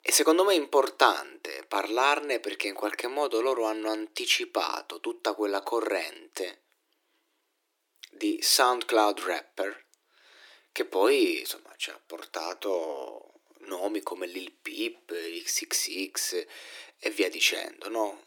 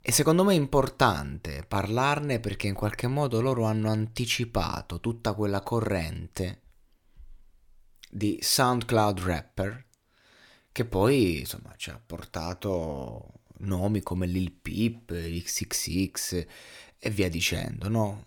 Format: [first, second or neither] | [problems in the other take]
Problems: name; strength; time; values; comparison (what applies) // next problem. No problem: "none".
second | thin; very; fading below 300 Hz